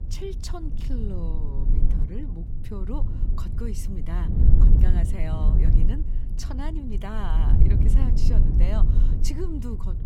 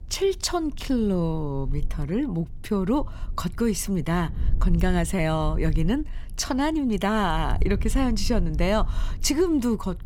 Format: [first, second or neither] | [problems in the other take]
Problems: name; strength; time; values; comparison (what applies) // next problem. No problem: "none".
second | low rumble; loud; throughout; 1 dB below the speech; faint in the second